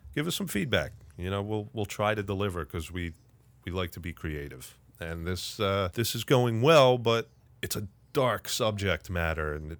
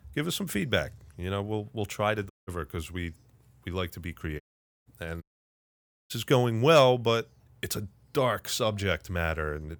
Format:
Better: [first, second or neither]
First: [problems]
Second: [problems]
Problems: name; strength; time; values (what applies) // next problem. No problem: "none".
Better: first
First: none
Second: audio cutting out; at 2.5 s, at 4.5 s and at 5 s for 1 s